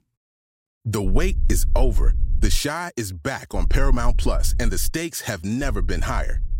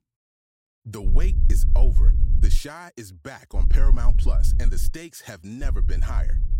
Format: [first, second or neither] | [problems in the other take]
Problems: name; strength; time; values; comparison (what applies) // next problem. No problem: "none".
first | low rumble; loud; from 1 to 2.5 s, from 3.5 to 5 s and at 5.5 s; 7 dB below the speech; faint in the first